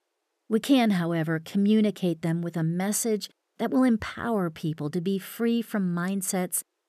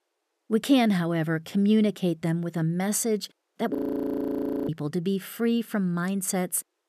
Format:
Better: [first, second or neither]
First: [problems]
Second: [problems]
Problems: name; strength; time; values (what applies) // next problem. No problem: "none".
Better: first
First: none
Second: audio freezing; at 4 s for 1 s